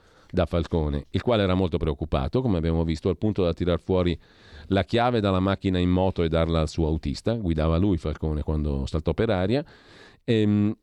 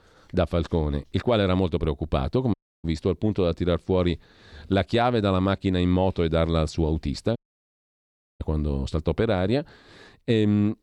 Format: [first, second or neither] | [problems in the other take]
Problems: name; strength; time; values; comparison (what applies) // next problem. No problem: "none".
first | audio cutting out; at 2.5 s and at 7.5 s for 1 s